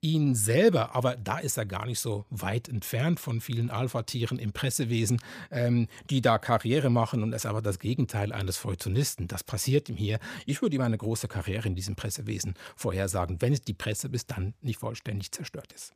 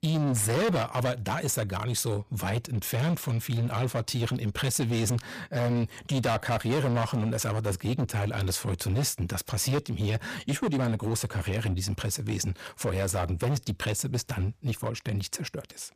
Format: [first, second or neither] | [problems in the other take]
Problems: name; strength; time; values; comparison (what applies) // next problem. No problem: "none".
first | distortion; heavy; 16% of the sound clipped